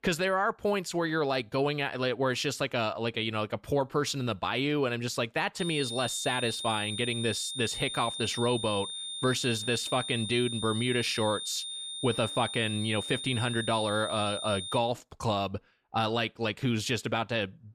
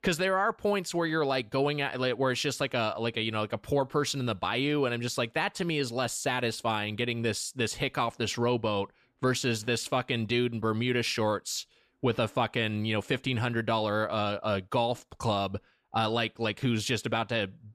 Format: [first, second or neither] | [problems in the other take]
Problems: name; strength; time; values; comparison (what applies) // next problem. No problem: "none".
second | high-pitched whine; loud; from 5.5 to 15 s; 3.5 kHz, 5 dB below the speech